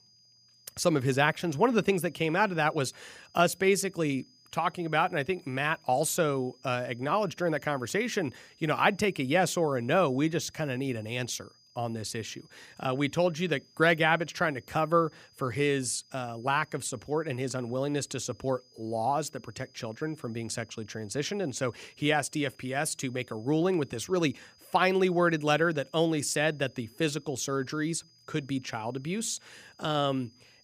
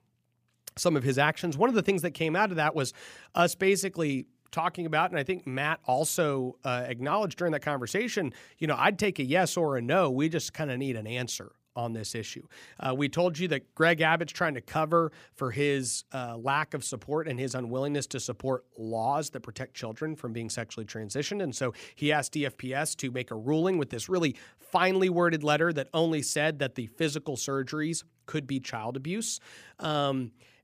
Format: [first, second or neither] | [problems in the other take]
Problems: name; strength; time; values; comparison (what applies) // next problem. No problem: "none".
second | high-pitched whine; faint; throughout; 5 kHz, 30 dB below the speech